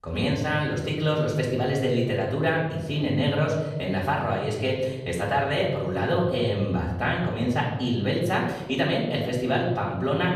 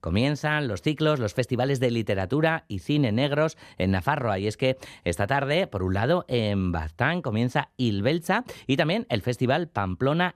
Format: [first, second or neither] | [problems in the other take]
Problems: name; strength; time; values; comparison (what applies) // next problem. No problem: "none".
second | off-mic speech; far // room echo; noticeable; dies away in 1.1 s